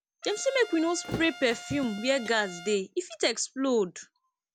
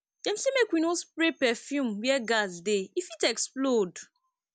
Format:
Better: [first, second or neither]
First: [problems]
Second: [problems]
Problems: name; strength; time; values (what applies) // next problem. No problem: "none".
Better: second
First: background sound (Thump, thud + Trumpet); 13 dB below the speech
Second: none